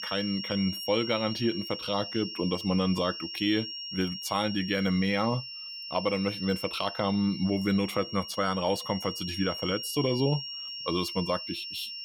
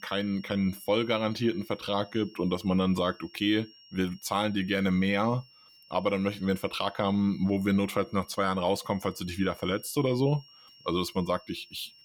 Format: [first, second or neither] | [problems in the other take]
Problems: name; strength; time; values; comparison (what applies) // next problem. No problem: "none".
second | high-pitched whine; loud; throughout; 5.5 kHz, 7 dB below the speech; faint in the second